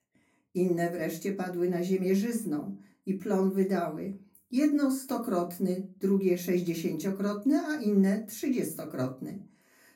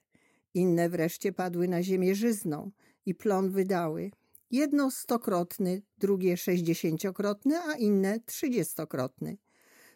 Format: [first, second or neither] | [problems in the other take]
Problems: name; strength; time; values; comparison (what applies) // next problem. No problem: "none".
second | off-mic speech; far // room echo; very slight; dies away in 0.2 s